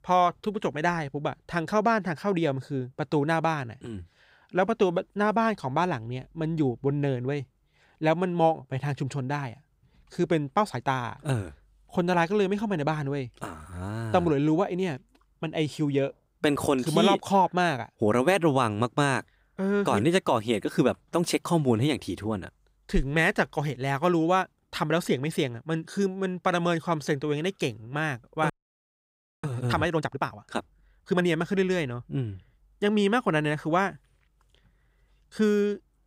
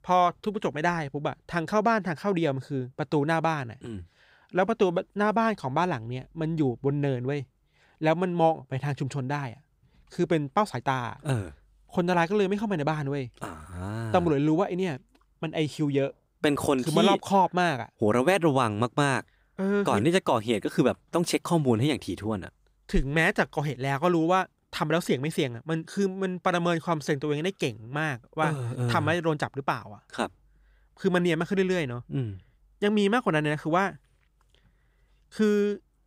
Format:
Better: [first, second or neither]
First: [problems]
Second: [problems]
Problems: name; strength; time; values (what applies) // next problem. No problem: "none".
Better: second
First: audio freezing; at 29 s for 1 s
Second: none